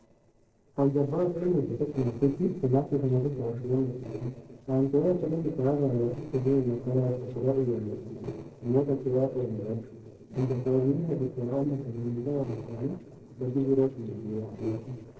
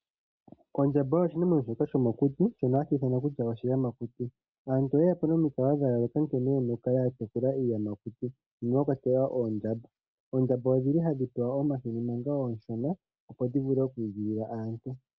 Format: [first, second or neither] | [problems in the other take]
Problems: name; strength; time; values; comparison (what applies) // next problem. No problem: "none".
second | noise reduction (neural separator model SepFormer DNS4)